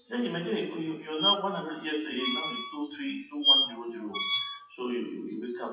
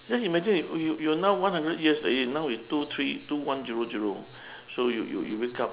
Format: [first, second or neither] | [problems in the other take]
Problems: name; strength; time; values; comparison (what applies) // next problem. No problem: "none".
second | noise reduction (classical method WPE with log-MMSE)